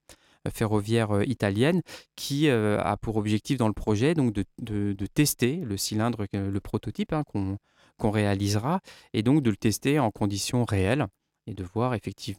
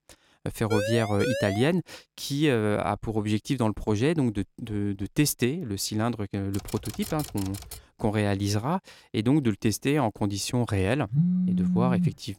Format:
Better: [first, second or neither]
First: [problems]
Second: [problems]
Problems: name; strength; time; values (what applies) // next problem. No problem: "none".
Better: first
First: none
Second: siren; noticeable; at 0.5 s; peak 2 dB below the speech // keyboard typing; faint; from 6.5 to 8 s; peak 10 dB below the speech // phone ringing; loud; at 11 s; peak 3 dB above the speech